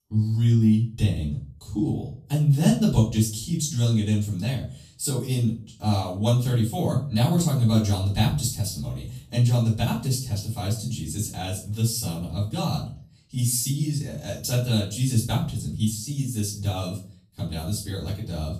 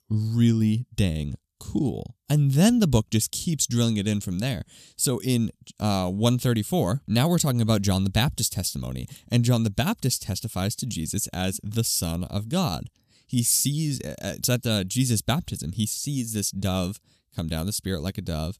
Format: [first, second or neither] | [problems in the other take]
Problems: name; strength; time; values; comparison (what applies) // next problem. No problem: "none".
second | off-mic speech; far // room echo; slight; dies away in 0.4 s